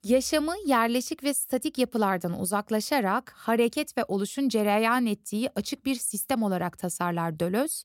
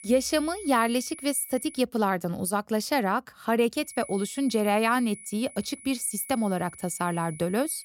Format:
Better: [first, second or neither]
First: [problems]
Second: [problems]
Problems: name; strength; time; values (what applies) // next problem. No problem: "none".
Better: first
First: none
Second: high-pitched whine; noticeable; until 2 s and from 4 s on; 10.5 kHz, 15 dB below the speech